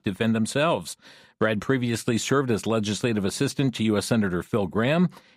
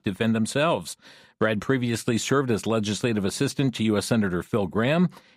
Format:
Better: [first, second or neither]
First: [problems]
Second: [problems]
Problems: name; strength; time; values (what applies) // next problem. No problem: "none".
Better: neither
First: none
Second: none